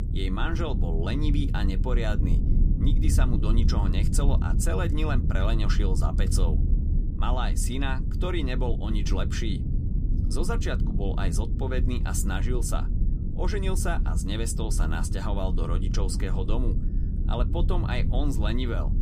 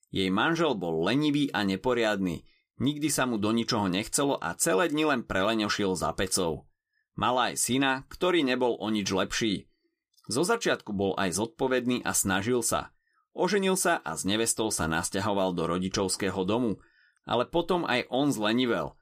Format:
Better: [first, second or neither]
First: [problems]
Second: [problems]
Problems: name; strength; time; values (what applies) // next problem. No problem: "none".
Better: second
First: low rumble; loud; throughout; 7 dB below the speech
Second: none